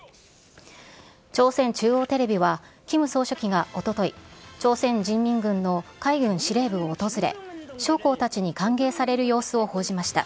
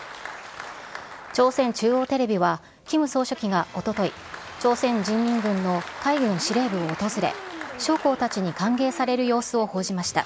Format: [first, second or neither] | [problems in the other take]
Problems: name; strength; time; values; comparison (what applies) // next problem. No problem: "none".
first | background sound (Applause); 14 dB below the speech